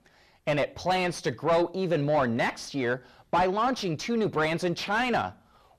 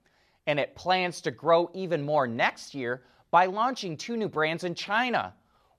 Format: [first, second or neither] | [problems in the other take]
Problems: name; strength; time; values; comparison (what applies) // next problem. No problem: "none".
second | distortion; heavy; 7 dB below the speech